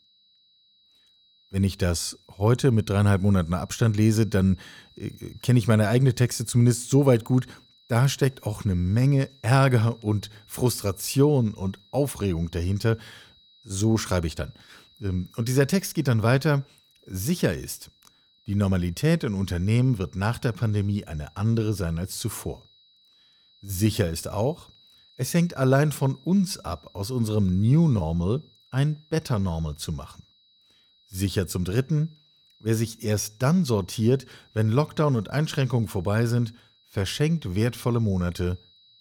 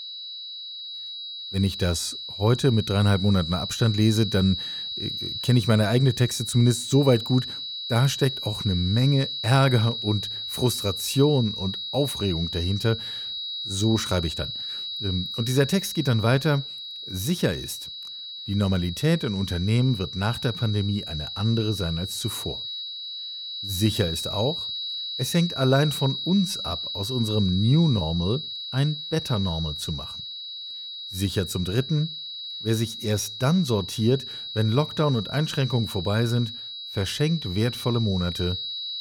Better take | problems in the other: first | high-pitched whine; loud; throughout; 4 kHz, 6 dB below the speech; faint in the first

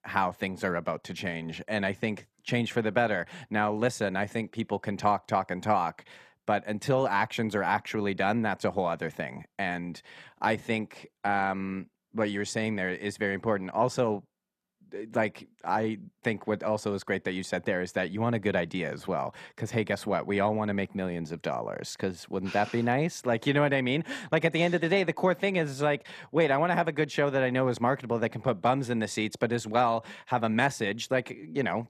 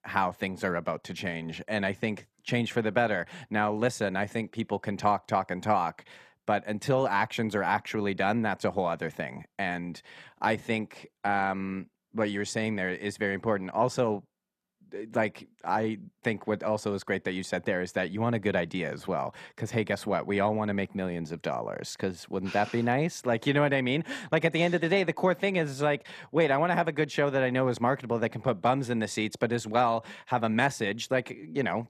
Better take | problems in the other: neither | none

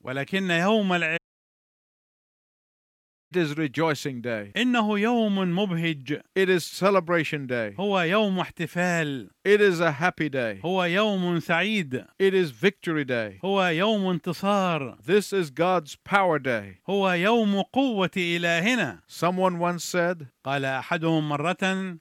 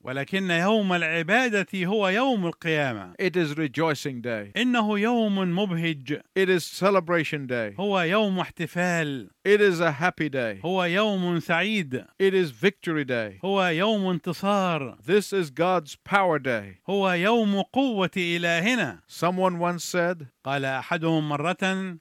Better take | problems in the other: second | audio cutting out; at 1 s for 2 s

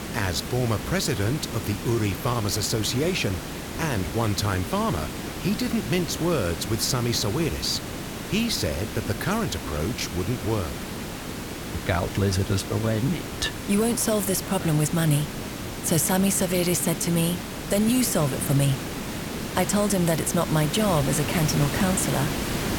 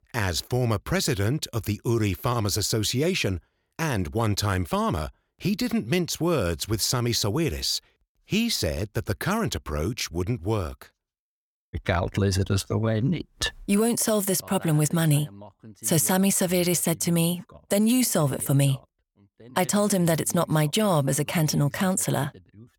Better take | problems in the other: second | hiss; loud; throughout; 7 dB below the speech

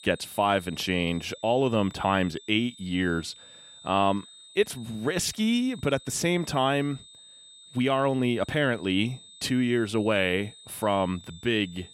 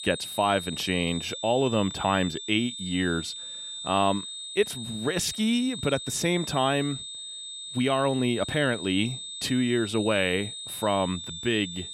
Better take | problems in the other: first | high-pitched whine; loud; throughout; 3.5 kHz, 8 dB below the speech; faint in the first

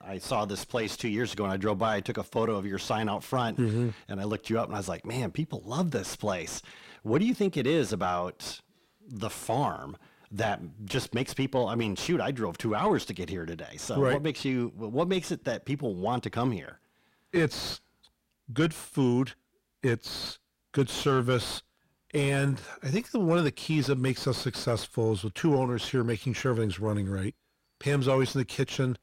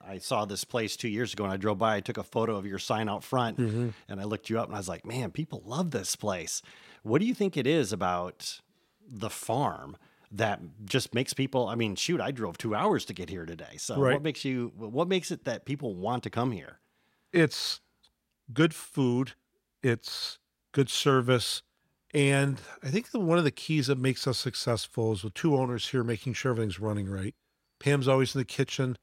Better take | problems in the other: second | distortion; slight; 10 dB below the speech

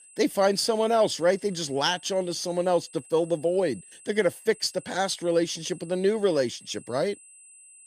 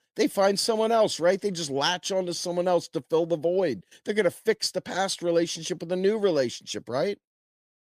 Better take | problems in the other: second | high-pitched whine; faint; throughout; 8 kHz, 20 dB below the speech

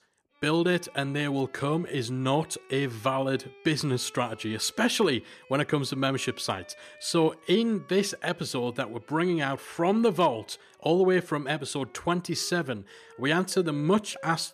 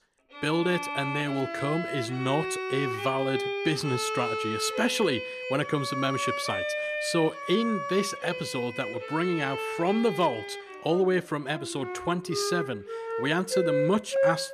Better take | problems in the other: first | background music; loud; throughout; 3 dB below the speech; faint in the first

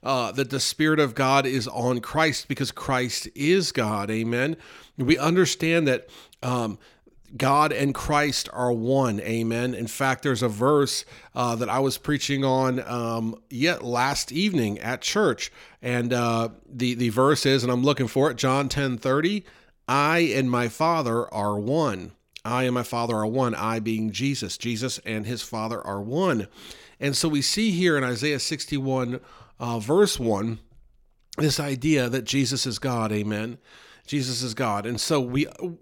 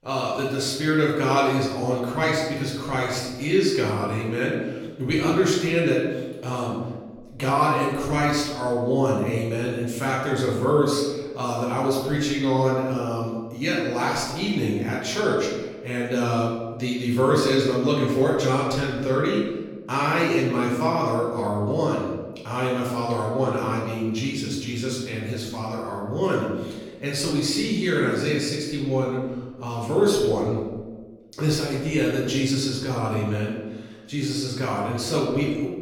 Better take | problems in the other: first | room echo; noticeable; dies away in 1.1 s // off-mic speech; far

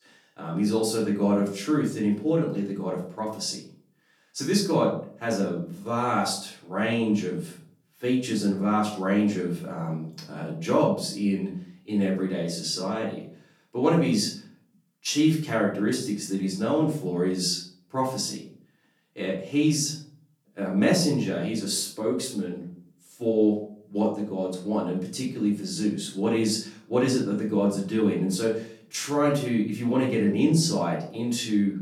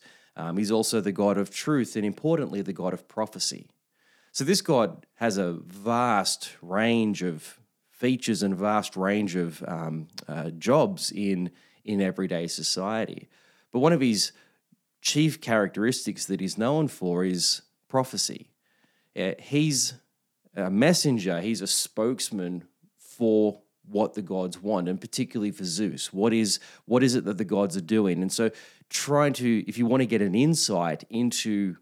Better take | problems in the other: second | room echo; slight; dies away in 0.4 s // off-mic speech; far

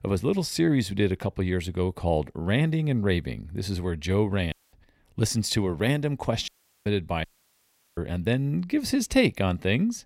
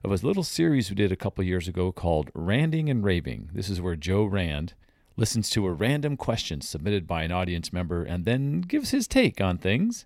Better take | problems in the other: second | audio cutting out; at 4.5 s, at 6.5 s and at 7 s for 0.5 s

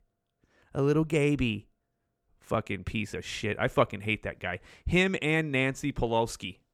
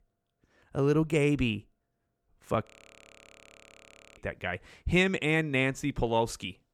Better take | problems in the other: first | audio freezing; at 2.5 s for 1.5 s

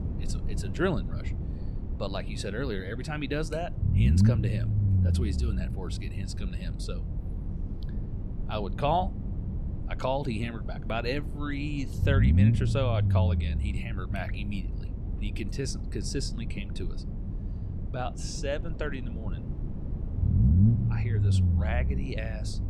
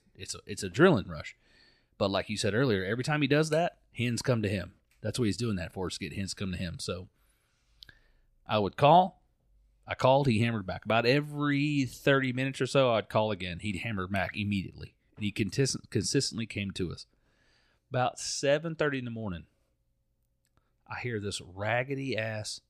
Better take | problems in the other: second | low rumble; loud; throughout; 7 dB below the speech

